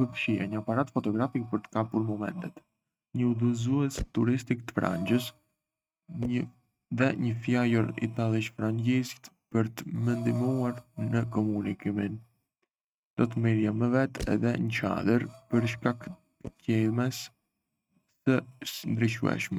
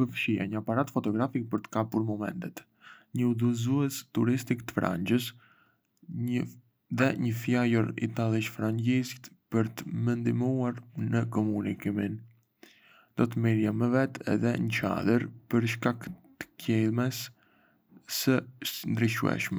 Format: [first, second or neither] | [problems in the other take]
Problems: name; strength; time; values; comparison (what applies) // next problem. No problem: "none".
second | noise reduction (neural mask model RNNoise)